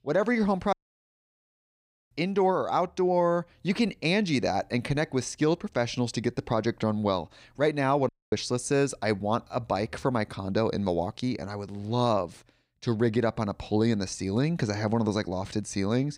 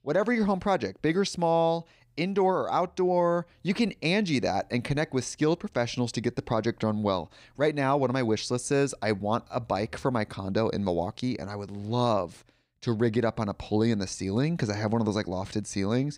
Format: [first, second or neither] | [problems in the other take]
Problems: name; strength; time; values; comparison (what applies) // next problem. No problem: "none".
second | audio cutting out; at 0.5 s for 1.5 s and at 8 s